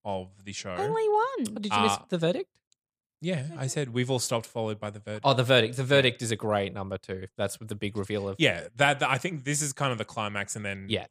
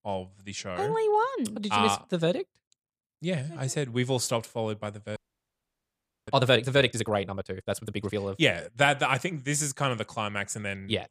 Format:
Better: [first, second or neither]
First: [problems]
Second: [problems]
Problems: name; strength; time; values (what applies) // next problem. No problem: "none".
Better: first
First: none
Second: audio freezing; at 5 s for 1 s